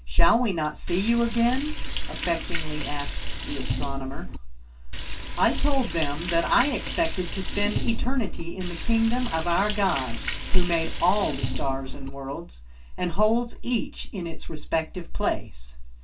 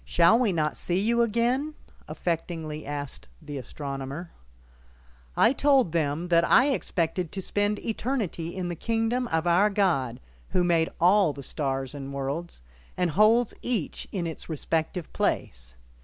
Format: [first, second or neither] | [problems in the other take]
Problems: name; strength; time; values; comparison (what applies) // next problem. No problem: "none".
second | background sound (Liquid); 6 dB below the speech // room echo; dies away in 0.2 s